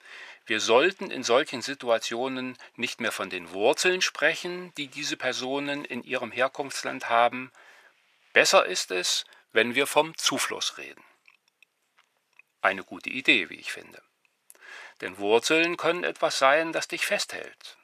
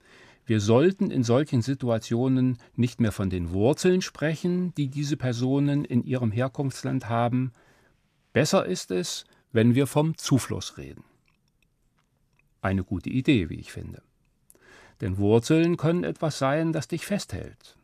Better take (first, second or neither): second